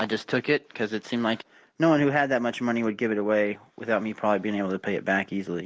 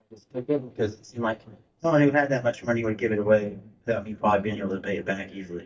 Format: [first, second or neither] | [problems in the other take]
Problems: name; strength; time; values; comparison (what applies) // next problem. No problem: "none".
first | noise reduction (neural mask model DeepFilterNet 3)